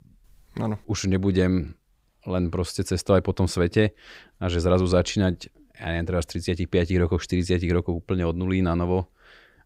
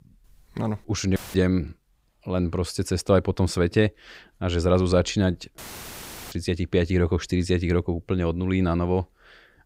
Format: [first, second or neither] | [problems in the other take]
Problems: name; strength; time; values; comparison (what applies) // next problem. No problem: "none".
first | audio cutting out; filled with static; at 1 s and at 5.5 s for 0.5 s